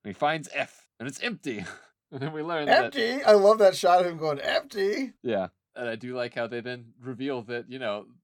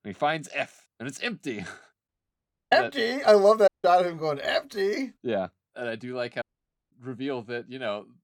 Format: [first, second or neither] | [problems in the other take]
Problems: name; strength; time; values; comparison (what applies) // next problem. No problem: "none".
first | audio cutting out; at 2 s for 0.5 s, at 3.5 s and at 6.5 s for 0.5 s